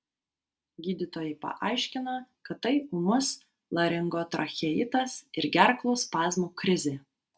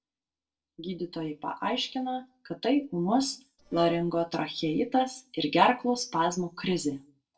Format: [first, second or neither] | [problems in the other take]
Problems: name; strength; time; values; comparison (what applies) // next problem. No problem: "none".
first | noise reduction (neural separator model SepFormer DNS4)